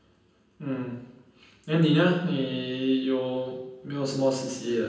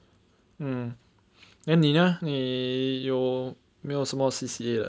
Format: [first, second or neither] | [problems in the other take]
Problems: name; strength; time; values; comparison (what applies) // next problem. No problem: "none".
second | room echo; dies away in 0.9 s